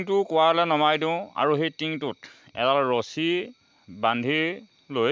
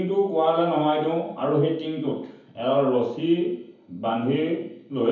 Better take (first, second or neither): first